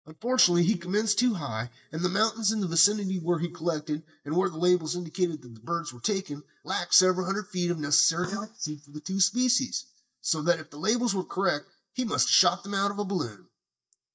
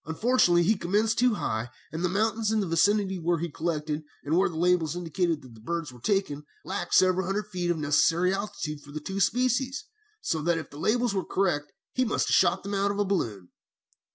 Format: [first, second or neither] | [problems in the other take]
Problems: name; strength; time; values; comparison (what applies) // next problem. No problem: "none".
second | noise reduction (neural mask model DeepFilterNet 3)